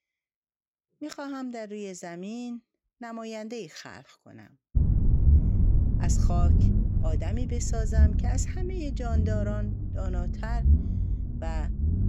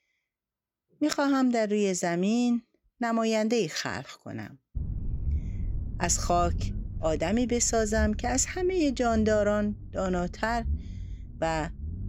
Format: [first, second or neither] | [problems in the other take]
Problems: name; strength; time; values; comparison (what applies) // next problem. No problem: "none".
second | low rumble; loud; from 5 s on; 2 dB below the speech; faint in the second